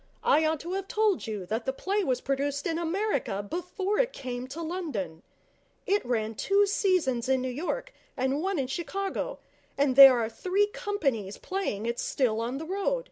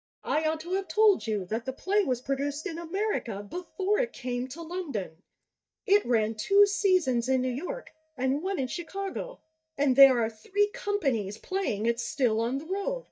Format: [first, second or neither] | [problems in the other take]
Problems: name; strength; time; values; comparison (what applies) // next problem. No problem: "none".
first | noise reduction (neural mask model DeepFilterNet 3)